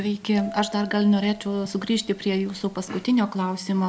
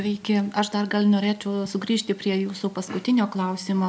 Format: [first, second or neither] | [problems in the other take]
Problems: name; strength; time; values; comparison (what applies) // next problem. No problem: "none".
second | background sound (Bell); 19 dB below the speech